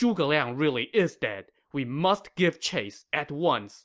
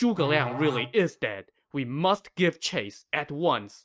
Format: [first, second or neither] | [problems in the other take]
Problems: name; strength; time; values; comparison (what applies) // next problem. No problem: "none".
first | noise reduction (neural mask model RNNoise)